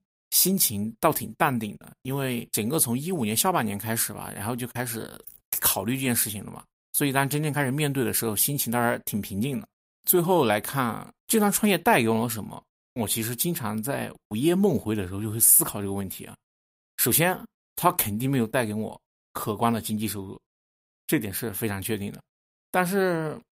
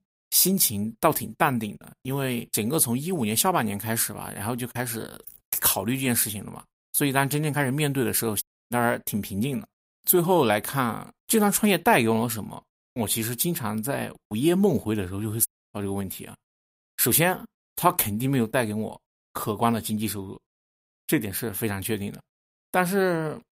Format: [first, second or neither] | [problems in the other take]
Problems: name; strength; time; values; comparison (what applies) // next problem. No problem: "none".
first | audio cutting out; at 8.5 s and at 15 s